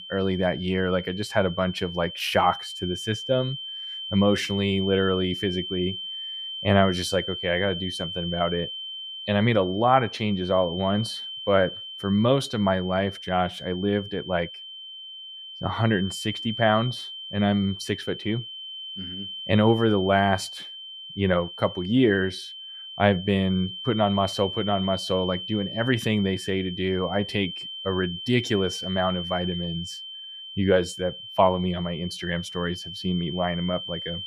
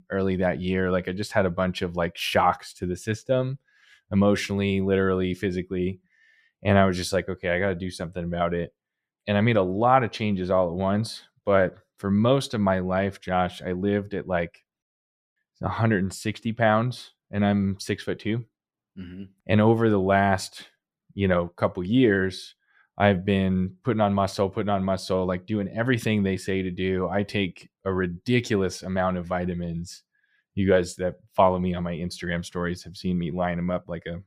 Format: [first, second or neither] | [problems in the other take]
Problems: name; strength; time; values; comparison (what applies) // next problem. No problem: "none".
second | high-pitched whine; loud; throughout; 3 kHz, 9 dB below the speech